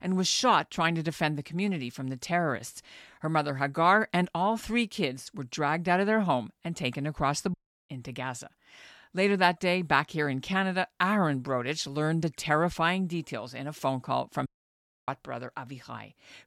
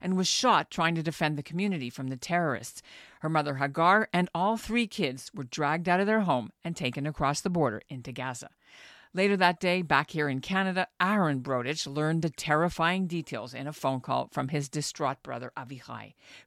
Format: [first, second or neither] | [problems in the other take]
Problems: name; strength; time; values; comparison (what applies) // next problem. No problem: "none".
second | audio cutting out; at 7.5 s and at 14 s for 0.5 s